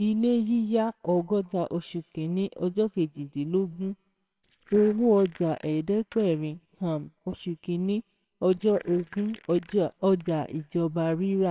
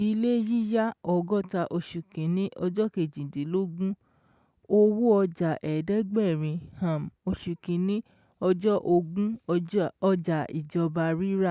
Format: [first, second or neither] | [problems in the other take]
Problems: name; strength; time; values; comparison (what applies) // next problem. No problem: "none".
second | noise reduction (neural separator model SepFormer WHAMR!)